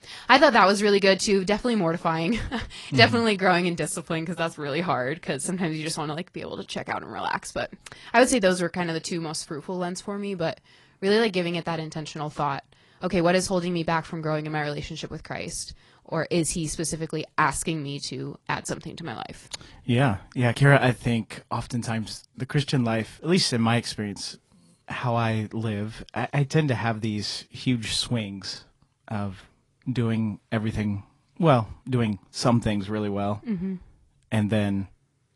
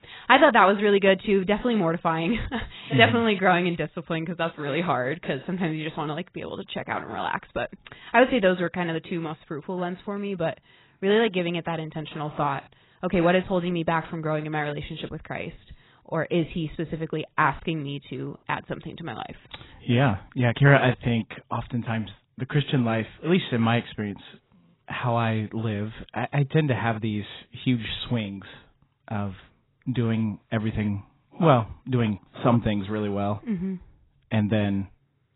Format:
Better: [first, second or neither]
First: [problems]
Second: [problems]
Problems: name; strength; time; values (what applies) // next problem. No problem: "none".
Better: first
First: garbled, watery; slightly; nothing above 11 kHz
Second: garbled, watery; badly; nothing above 4 kHz